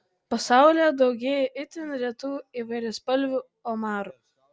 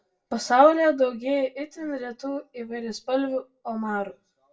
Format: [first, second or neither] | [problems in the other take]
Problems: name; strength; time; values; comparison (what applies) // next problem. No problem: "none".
first | room echo; dies away in 0.2 s